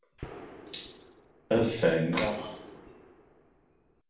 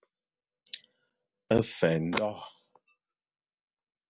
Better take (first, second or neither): second